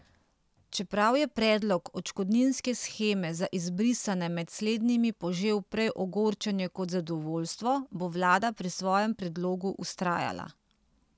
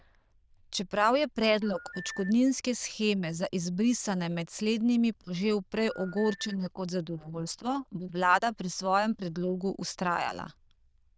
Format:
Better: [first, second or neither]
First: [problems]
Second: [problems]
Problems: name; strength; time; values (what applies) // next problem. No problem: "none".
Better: first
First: none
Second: noise reduction (neural diffusion model UNIVERSE++)